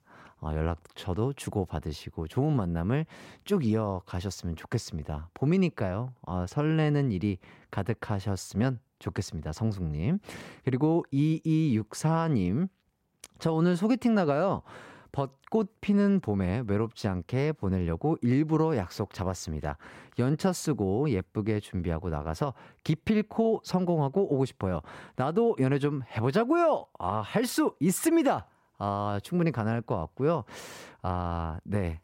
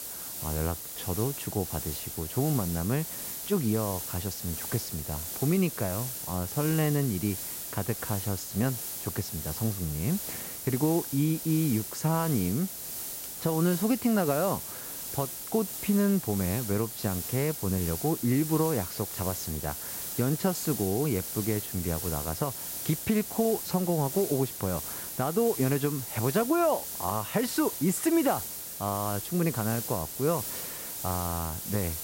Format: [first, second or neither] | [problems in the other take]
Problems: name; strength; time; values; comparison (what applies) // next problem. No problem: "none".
first | hiss; loud; throughout; 5 dB below the speech